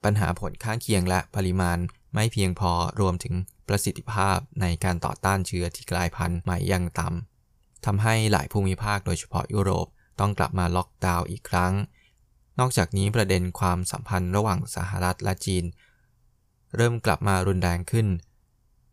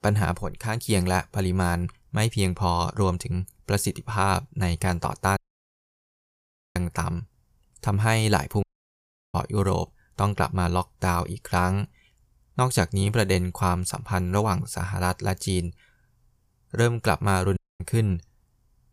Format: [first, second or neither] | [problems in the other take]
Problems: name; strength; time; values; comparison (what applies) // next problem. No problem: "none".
first | audio cutting out; at 5.5 s for 1.5 s, at 8.5 s for 0.5 s and at 18 s